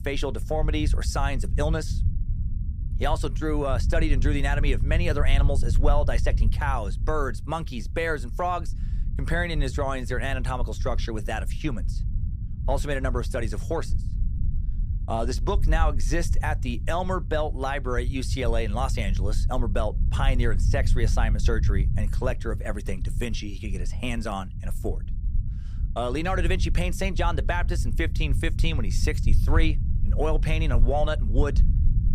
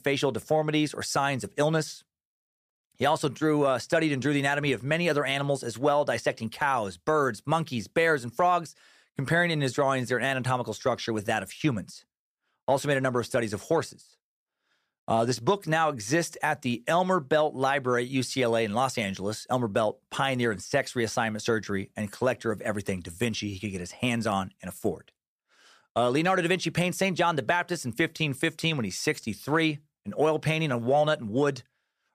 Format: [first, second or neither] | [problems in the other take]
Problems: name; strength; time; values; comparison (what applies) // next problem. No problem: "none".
second | low rumble; noticeable; throughout; 15 dB below the speech